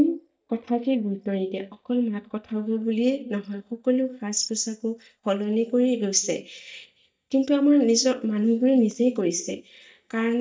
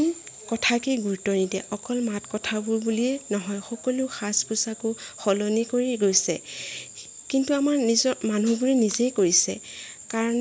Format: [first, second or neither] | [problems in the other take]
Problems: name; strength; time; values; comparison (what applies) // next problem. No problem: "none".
second | noise reduction (neural mask model DeepFilterNet 3)